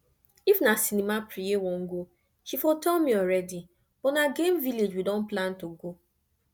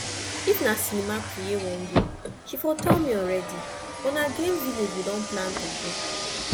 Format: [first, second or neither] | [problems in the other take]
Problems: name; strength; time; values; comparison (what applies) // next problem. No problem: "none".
first | background sound (Car); 2 dB below the speech